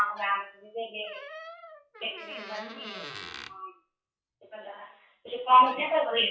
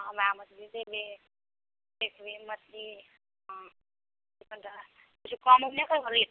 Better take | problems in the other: second | noise reduction (classical method WPE with log-MMSE)

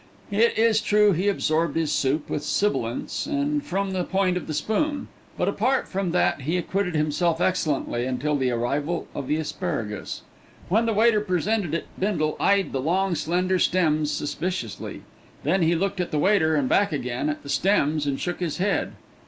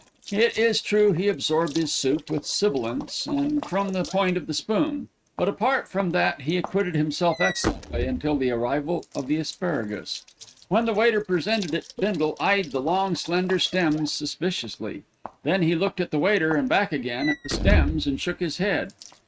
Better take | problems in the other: first | noise reduction (neural mask model RNNoise)

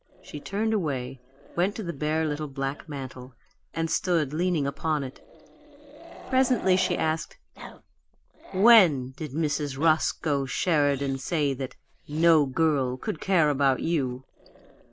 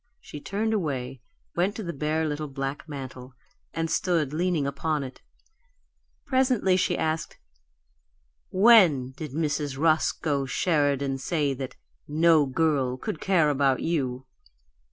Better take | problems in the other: second | background sound (Growling); 19 dB below the speech

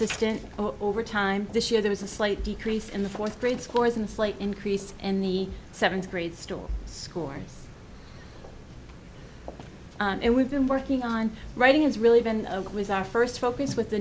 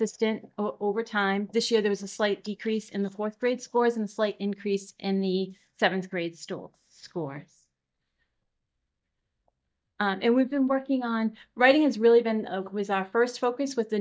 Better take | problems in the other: first | noise reduction (neural mask model DeepFilterNet 3)

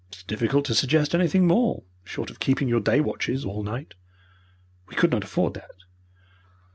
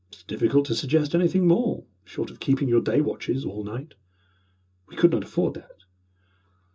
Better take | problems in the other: first | room echo; dies away in 0.2 s

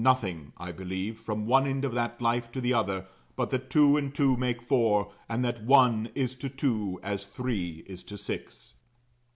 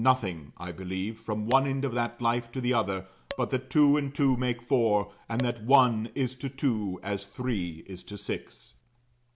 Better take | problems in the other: first | background sound (Tap / Glass); 14 dB below the speech

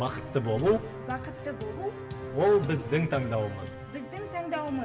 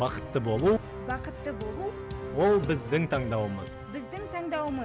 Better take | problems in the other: second | room echo; dies away in 0.7 s

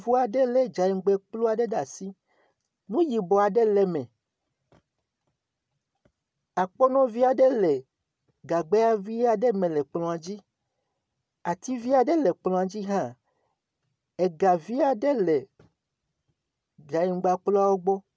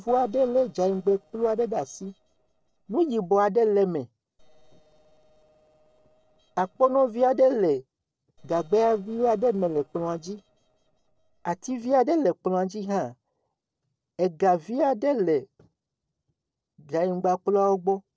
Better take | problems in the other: first | noise reduction (neural separator model SepFormer DNS4)

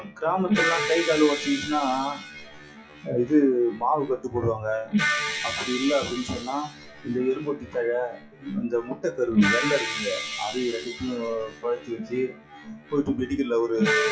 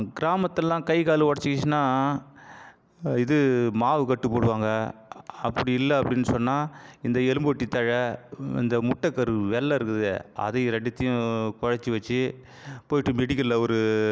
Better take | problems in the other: second | noise reduction (classical method WPE with log-MMSE)

